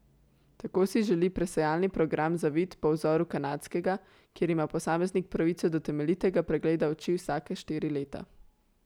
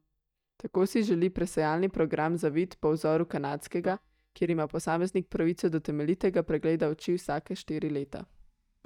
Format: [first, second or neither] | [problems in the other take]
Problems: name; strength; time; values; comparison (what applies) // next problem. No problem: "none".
first | noise reduction (neural mask model DeepFilterNet 3)